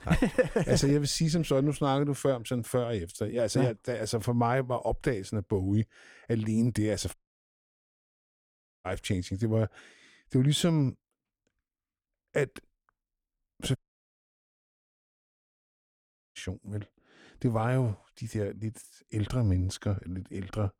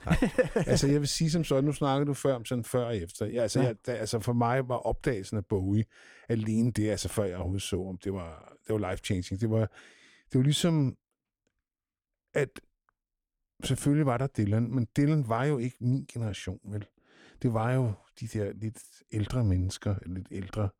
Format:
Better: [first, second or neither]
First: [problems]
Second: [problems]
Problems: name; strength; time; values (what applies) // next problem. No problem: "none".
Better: second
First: audio cutting out; at 7 s for 1.5 s and at 14 s for 2.5 s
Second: none